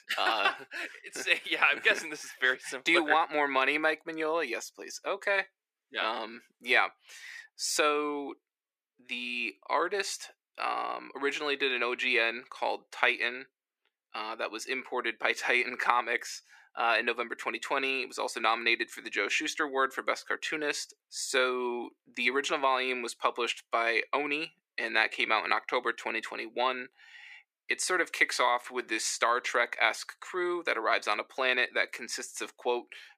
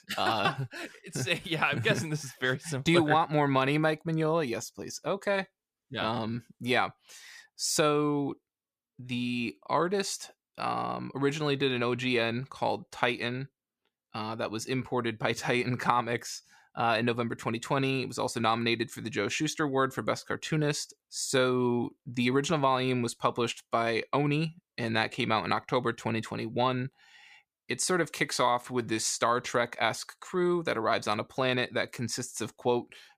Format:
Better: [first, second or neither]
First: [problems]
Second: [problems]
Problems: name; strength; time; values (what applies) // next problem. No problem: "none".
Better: second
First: thin; somewhat; fading below 300 Hz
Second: none